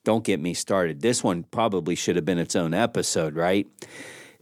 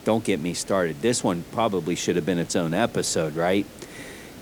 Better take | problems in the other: first | hiss; noticeable; throughout; 20 dB below the speech

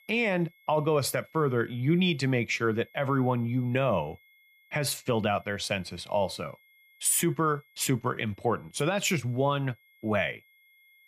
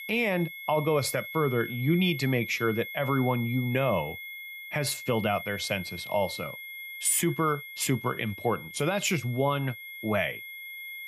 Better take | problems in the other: first | high-pitched whine; loud; throughout; 2 kHz, 10 dB below the speech; faint in the first

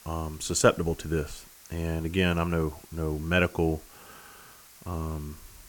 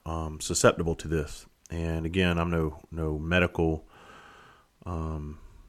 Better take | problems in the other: second | hiss; faint; throughout; 20 dB below the speech

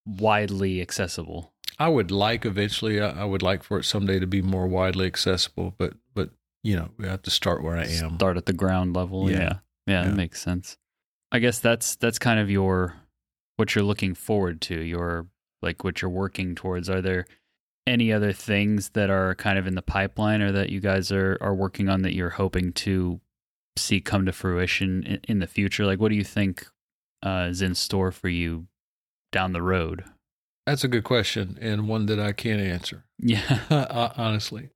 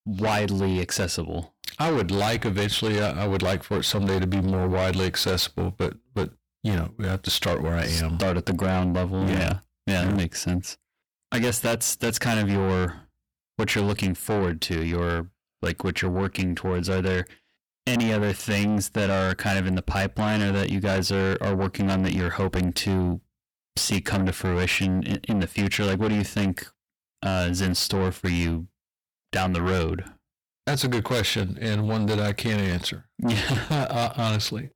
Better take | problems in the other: first | distortion; heavy; 7 dB below the speech

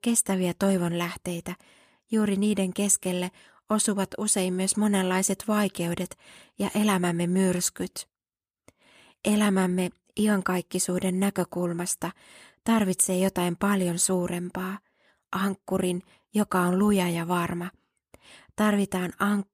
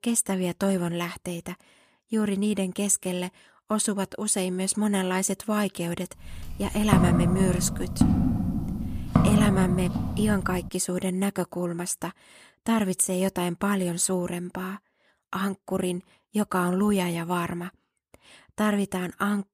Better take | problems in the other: first | footsteps; loud; from 6.5 to 11 s; peak 5 dB above the speech

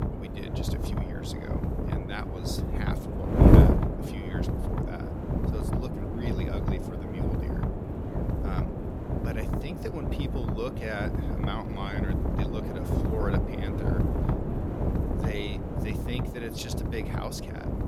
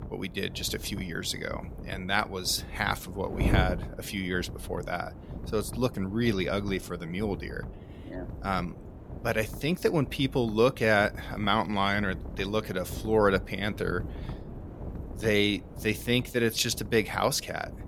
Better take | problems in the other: second | wind noise on the microphone; heavy; 4 dB above the speech; occasional gusts in the second

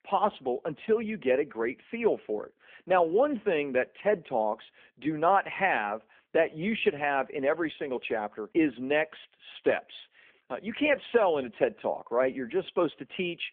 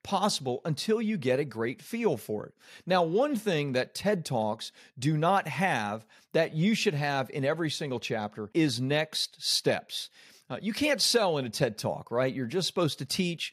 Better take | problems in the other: second | phone-call audio; nothing above 3.5 kHz

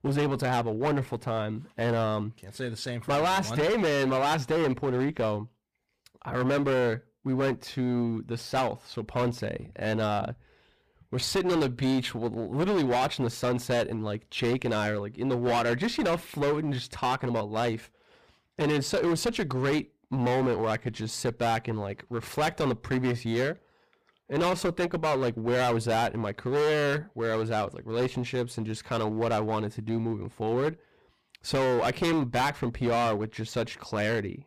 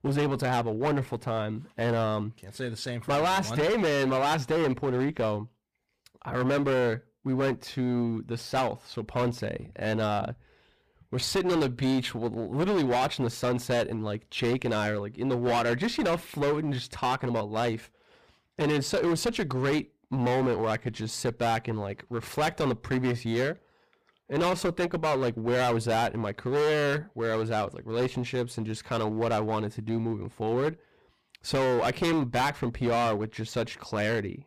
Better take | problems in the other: neither | distortion; heavy; 16% of the sound clipped; the same in both

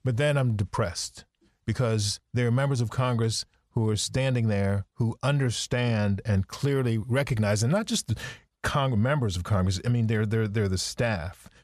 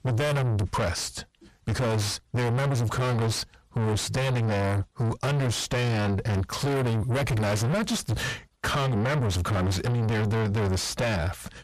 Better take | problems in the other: first | distortion; heavy; 5 dB below the speech

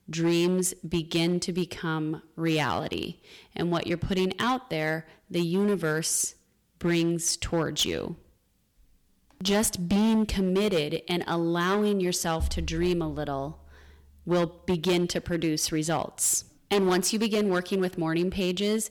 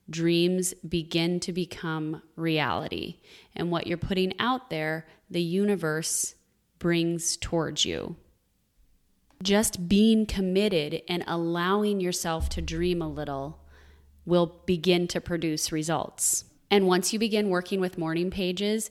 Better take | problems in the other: second | distortion; slight; 7% of the sound clipped

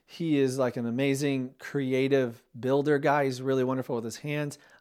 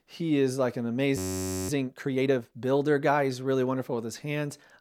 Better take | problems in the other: first | audio freezing; at 1 s for 0.5 s

